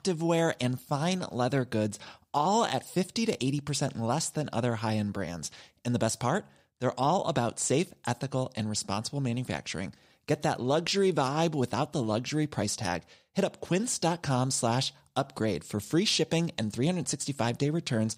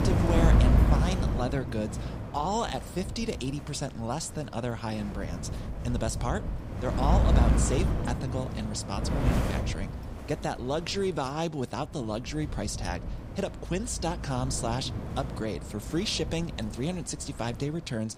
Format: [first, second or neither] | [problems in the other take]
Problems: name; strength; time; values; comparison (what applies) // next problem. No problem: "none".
first | wind noise on the microphone; heavy; 5 dB below the speech